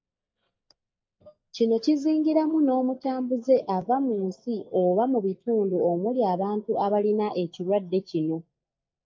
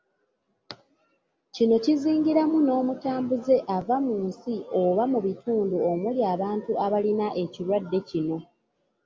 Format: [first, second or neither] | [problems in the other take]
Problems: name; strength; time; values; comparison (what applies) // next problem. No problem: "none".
second | noise reduction (neural mask model DeepFilterNet 3)